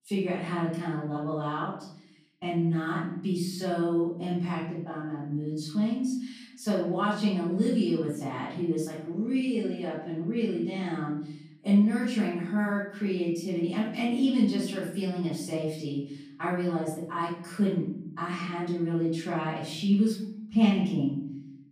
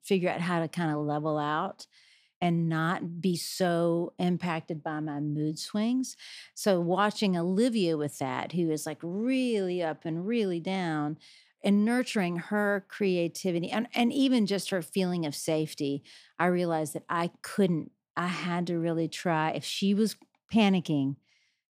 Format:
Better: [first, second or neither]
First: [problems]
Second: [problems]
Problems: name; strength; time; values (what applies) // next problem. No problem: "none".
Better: second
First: off-mic speech; far // room echo; noticeable; dies away in 0.7 s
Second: none